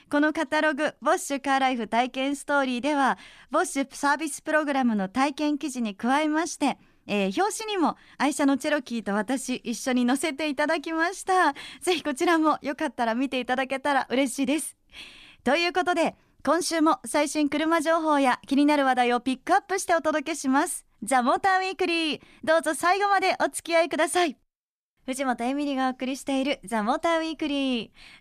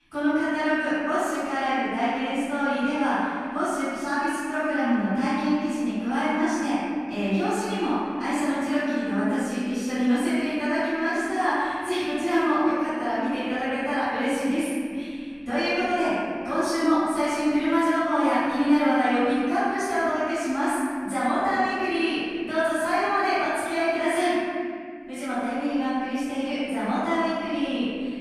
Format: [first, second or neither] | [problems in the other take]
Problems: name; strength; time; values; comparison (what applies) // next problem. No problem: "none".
first | room echo; strong; dies away in 2.4 s // off-mic speech; far